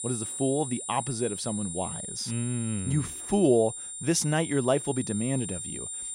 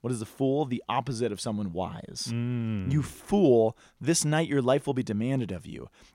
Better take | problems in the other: second | high-pitched whine; loud; throughout; 9 kHz, 6 dB below the speech

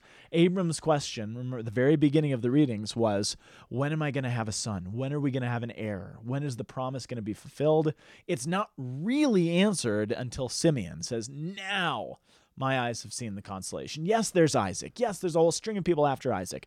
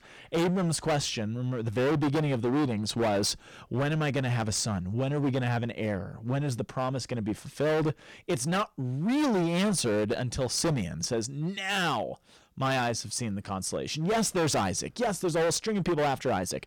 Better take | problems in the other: first | distortion; heavy; 18% of the sound clipped

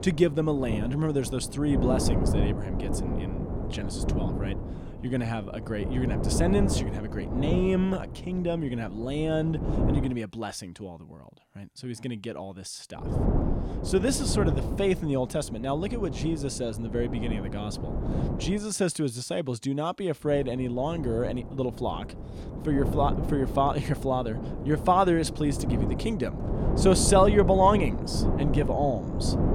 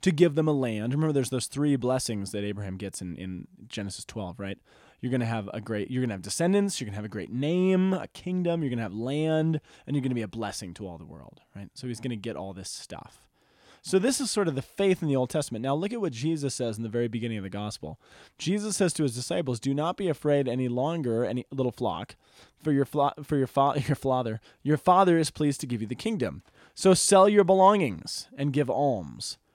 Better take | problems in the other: second | wind noise on the microphone; heavy; until 10 s, from 13 to 19 s and from 20 s on; 8 dB below the speech

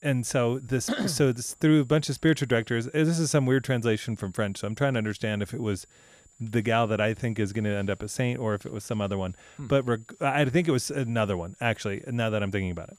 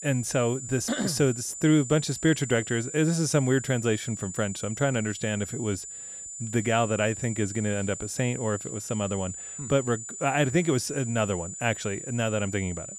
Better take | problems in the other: first | high-pitched whine; loud; throughout; 7 kHz, 9 dB below the speech; faint in the first

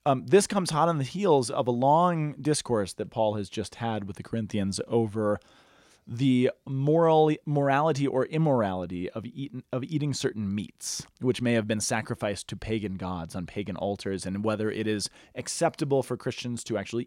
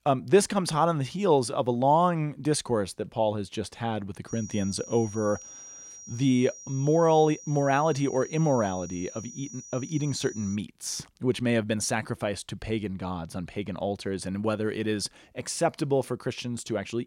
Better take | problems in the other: first | high-pitched whine; noticeable; from 4.5 to 11 s; 6 kHz, 15 dB below the speech

